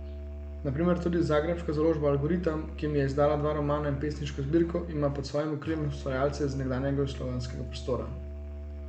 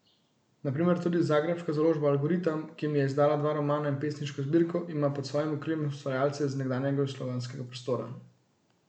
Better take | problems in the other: second | background sound (Musical instrument); 9 dB below the speech

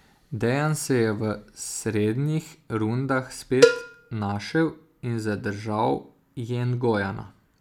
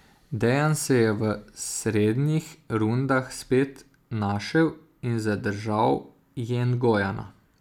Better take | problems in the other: second | background sound (Cowbell); as loud as the speech

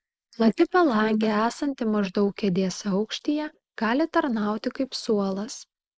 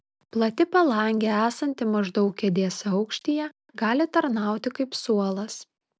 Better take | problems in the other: second | noise reduction (neural mask model Resemble Enhance denoiser)

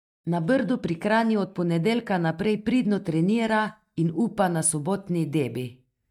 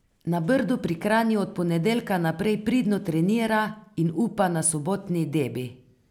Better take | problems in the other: second | noise reduction (neural mask model DeepFilterNet 3)

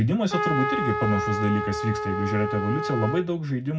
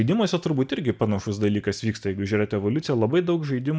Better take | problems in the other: second | background sound (Trumpet); 3 dB below the speech // room echo; dies away in 0.4 s

